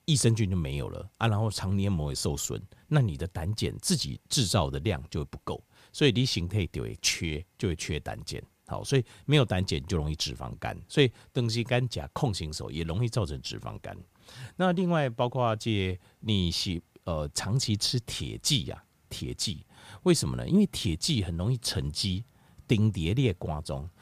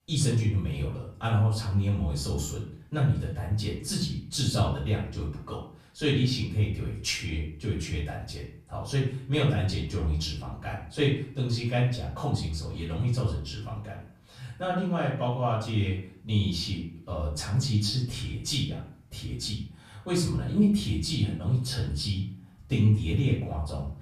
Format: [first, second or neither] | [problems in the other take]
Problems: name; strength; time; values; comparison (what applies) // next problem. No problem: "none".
first | off-mic speech; far // room echo; noticeable; dies away in 0.5 s